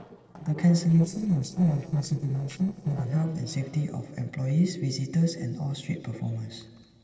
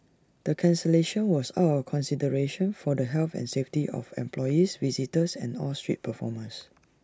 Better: second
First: noise reduction (neural separator model SepFormer DNS4)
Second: none

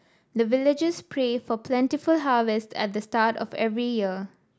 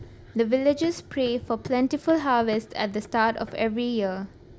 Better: first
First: none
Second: background sound (Run); 20 dB below the speech

